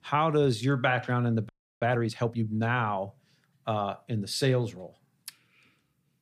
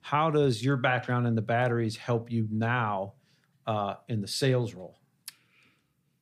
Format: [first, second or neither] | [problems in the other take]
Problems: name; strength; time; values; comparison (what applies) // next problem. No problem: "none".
second | audio freezing; at 1.5 s